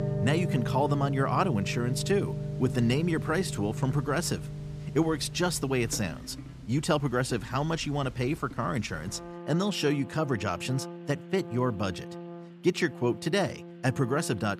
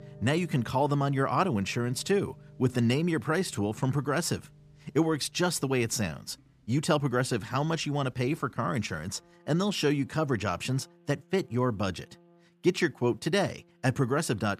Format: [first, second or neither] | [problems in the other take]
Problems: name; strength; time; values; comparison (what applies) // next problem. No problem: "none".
second | background music; loud; throughout; 8 dB below the speech; faint in the second